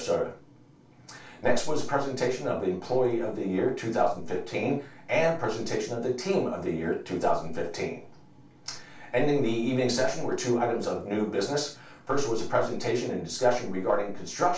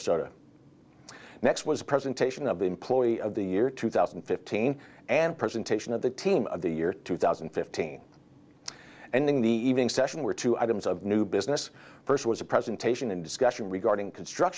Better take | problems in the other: second | room echo; dies away in 0.3 s

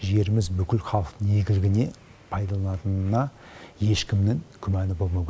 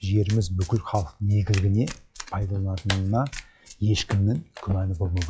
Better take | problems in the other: first | noise reduction (classical method log-MMSE)

